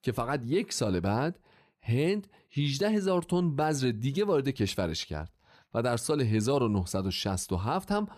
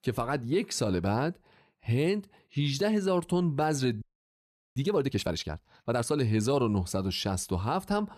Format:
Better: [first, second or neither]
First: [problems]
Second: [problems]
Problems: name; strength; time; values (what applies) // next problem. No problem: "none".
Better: first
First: none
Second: audio freezing; at 4 s for 0.5 s